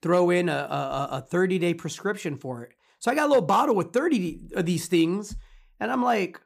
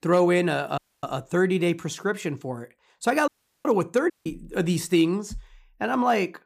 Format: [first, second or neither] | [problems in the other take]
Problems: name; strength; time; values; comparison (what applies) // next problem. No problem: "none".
first | audio cutting out; at 1 s, at 3.5 s and at 4 s